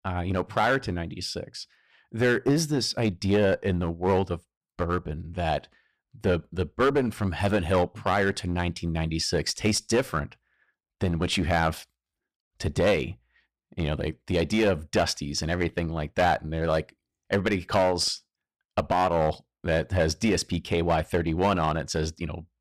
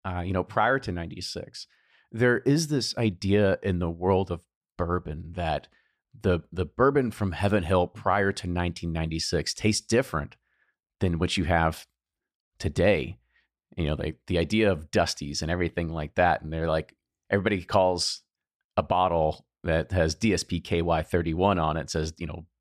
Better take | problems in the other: second | distortion; slight; 5% of the sound clipped

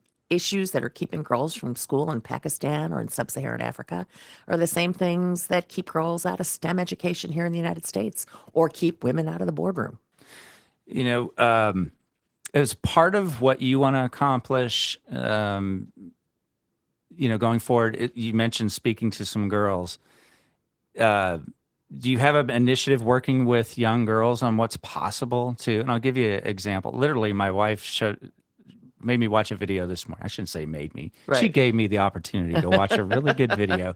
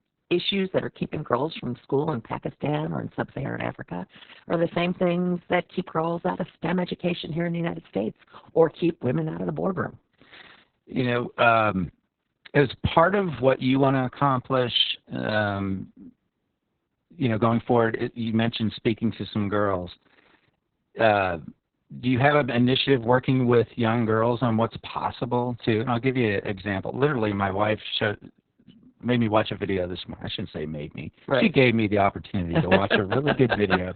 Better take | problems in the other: first | garbled, watery; badly; nothing above 4 kHz; slightly in the first

